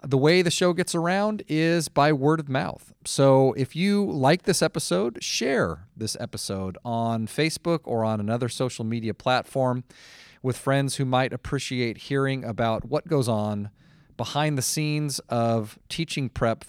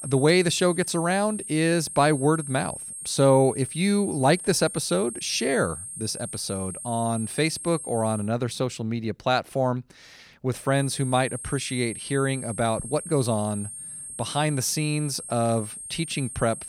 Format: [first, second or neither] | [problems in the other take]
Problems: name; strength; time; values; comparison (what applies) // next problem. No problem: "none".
first | high-pitched whine; loud; until 8 s and from 11 s on; 8.5 kHz, 10 dB below the speech